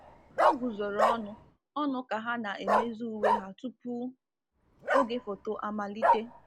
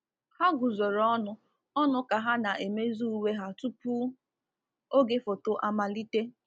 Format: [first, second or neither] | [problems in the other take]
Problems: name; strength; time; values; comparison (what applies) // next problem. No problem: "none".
second | background sound (Bark); 3 dB above the speech